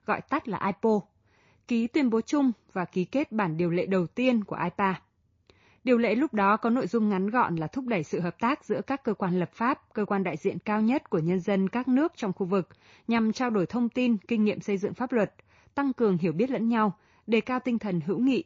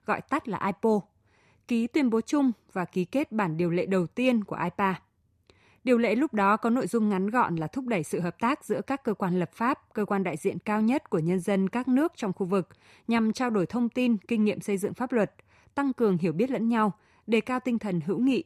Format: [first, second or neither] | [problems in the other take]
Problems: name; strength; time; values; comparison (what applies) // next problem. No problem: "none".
second | garbled, watery; slightly; nothing above 6.5 kHz